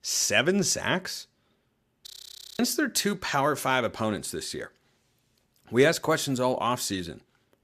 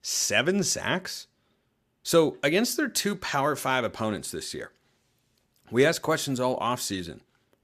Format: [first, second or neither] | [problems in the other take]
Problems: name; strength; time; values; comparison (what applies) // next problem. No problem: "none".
second | audio freezing; at 2 s for 0.5 s